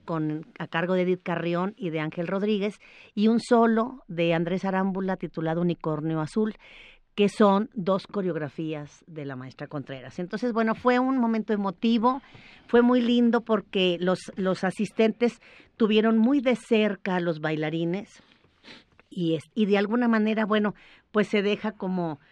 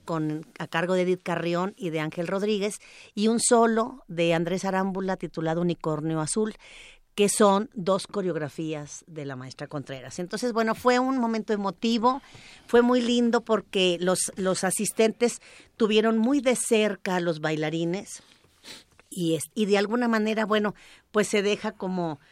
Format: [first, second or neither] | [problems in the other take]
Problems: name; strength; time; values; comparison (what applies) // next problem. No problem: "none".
second | muffled; slightly; fading above 3 kHz